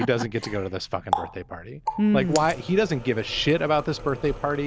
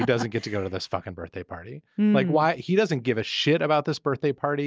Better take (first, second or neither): second